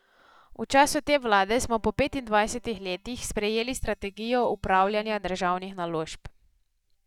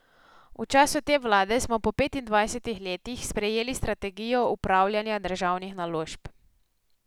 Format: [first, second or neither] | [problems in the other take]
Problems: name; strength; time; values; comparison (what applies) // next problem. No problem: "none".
second | noise reduction (neural mask model DeepFilterNet 3)